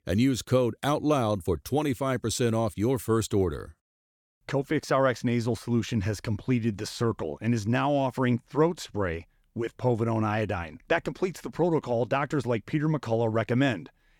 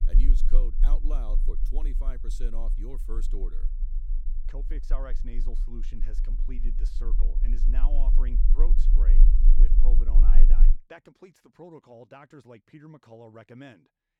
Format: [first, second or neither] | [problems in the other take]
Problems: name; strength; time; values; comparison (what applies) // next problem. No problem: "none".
first | low rumble; loud; until 11 s; 7 dB below the speech